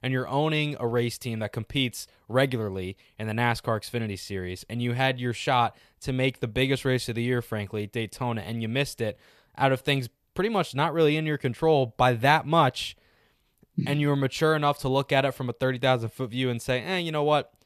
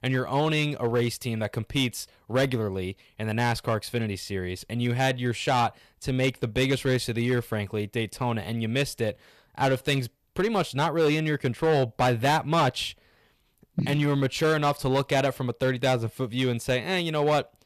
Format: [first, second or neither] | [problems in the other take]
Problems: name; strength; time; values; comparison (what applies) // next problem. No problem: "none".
first | distortion; slight; 6% of the sound clipped